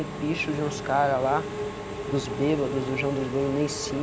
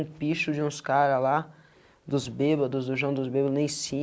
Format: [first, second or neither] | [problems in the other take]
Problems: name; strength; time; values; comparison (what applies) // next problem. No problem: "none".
second | background sound (Engine / Mechanisms); 6 dB below the speech